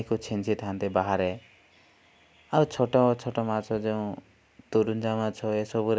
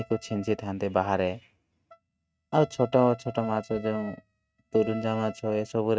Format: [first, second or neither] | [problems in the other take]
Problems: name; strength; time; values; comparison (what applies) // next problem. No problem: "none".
first | noise reduction (neural mask model RNNoise)